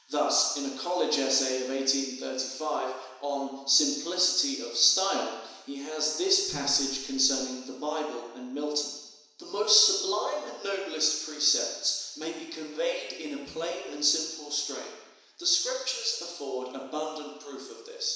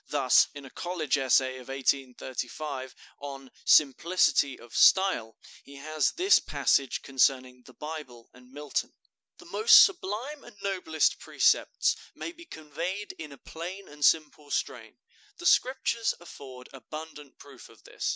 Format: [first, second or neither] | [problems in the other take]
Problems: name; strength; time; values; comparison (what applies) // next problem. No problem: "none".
second | room echo; dies away in 1 s